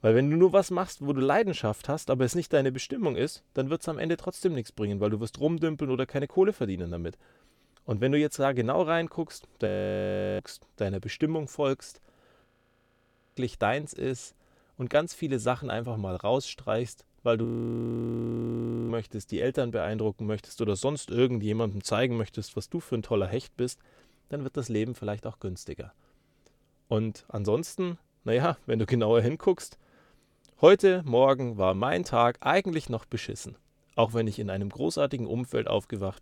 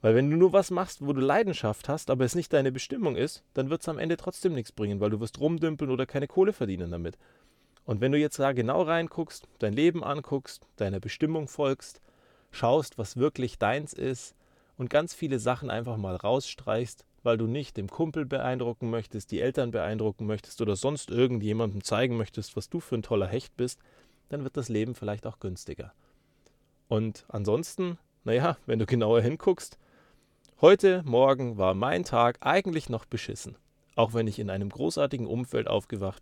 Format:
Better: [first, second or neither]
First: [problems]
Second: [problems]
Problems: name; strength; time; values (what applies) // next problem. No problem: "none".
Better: second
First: audio freezing; at 9.5 s for 0.5 s, at 12 s for 1 s and at 17 s for 1.5 s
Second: none